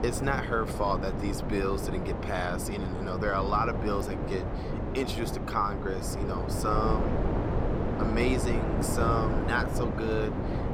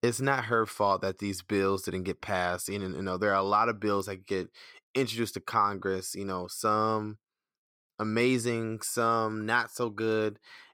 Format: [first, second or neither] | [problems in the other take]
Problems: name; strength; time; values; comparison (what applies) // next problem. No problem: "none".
second | wind noise on the microphone; heavy; 4 dB below the speech